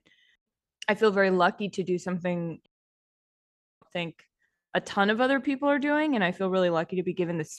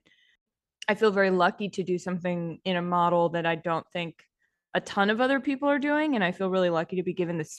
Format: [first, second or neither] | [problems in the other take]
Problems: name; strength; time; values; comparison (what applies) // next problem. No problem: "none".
second | audio cutting out; at 2.5 s for 1 s